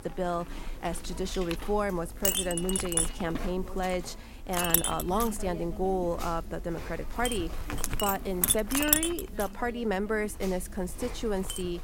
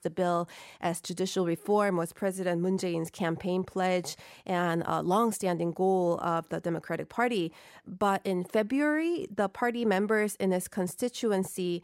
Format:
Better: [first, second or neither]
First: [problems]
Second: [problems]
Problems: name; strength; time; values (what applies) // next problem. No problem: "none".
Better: second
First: household noises; very loud; throughout; 1 dB above the speech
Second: none